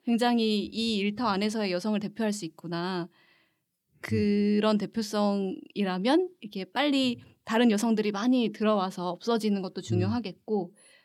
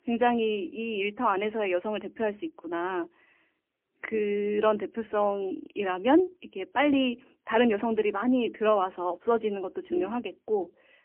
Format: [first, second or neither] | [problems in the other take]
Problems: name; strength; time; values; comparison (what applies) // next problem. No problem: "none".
first | phone-call audio; poor line; nothing above 3 kHz